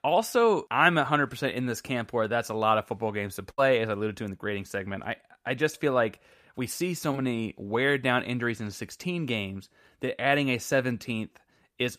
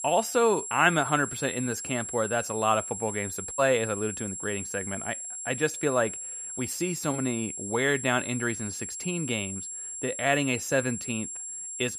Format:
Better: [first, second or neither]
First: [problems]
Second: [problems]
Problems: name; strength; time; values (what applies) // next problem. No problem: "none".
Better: first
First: none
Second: high-pitched whine; loud; throughout; 7.5 kHz, 6 dB below the speech